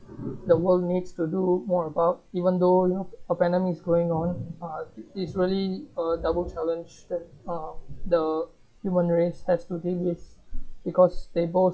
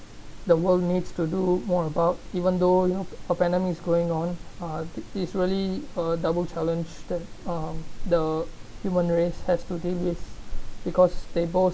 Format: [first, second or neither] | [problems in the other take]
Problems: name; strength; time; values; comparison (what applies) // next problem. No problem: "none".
second | noise reduction (classical method log-MMSE)